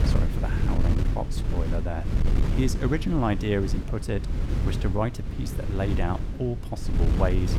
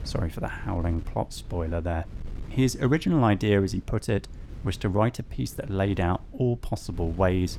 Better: second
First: wind noise on the microphone; heavy; 7 dB below the speech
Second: wind noise on the microphone; occasional gusts; 25 dB below the speech

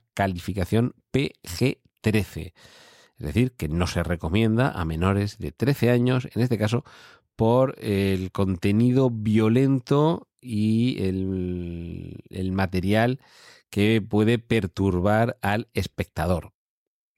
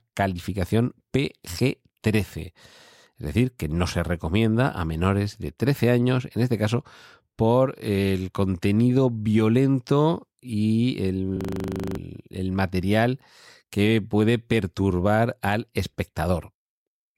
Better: first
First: none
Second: audio freezing; at 11 s for 0.5 s

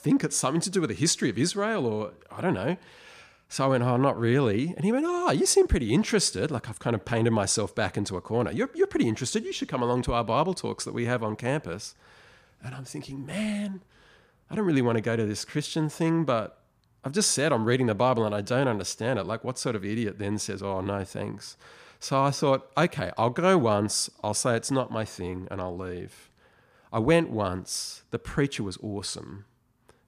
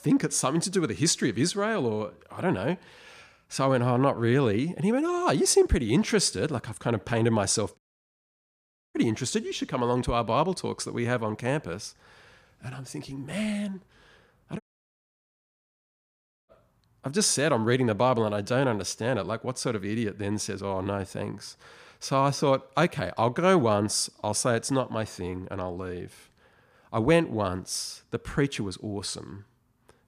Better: first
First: none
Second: audio cutting out; at 8 s for 1 s and at 15 s for 2 s

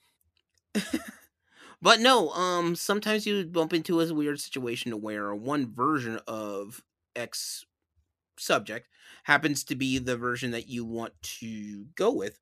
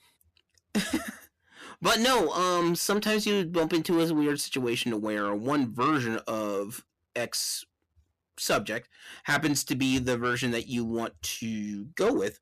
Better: first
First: none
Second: distortion; heavy; 6 dB below the speech

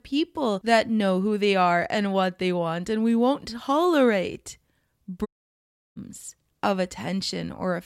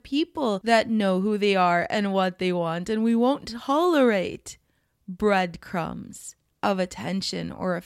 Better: second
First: audio cutting out; at 5.5 s for 0.5 s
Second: none

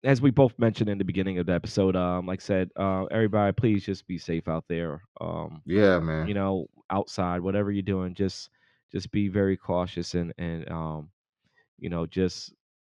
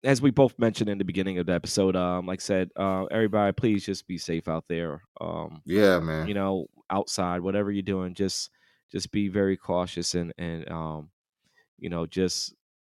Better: second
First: muffled; very slightly; fading above 3.5 kHz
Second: none

